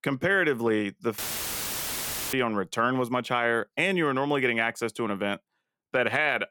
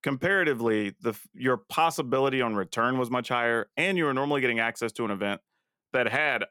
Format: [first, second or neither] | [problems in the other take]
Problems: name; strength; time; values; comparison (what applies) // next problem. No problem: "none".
second | audio cutting out; filled with static; at 1 s for 1 s